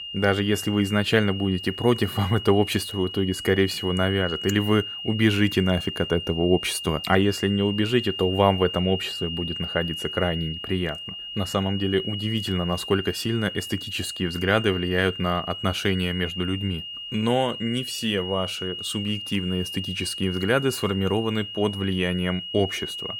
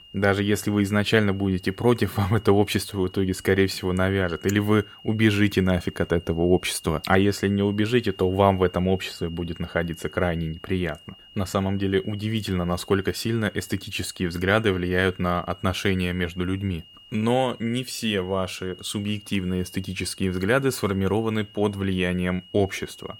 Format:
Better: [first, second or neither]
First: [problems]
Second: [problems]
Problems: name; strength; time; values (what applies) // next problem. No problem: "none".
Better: second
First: high-pitched whine; loud; throughout; 3 kHz, 7 dB below the speech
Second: high-pitched whine; faint; throughout; 3 kHz, 20 dB below the speech